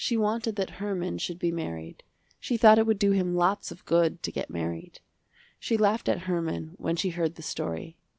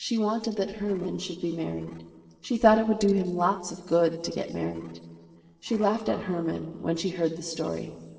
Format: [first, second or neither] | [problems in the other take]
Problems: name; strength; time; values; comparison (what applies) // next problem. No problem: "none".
first | noise reduction (neural separator model SepFormer DNS4)